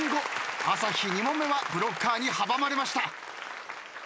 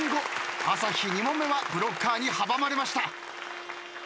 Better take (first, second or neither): first